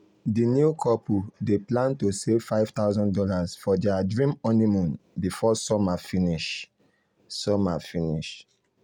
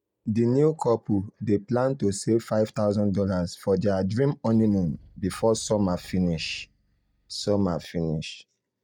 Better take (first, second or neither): first